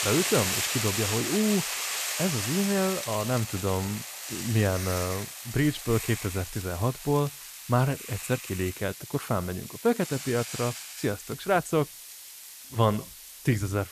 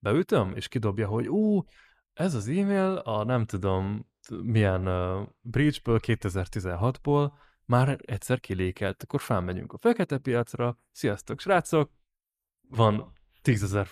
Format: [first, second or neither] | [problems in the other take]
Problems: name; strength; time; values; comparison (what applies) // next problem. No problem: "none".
second | hiss; loud; throughout; 4 dB below the speech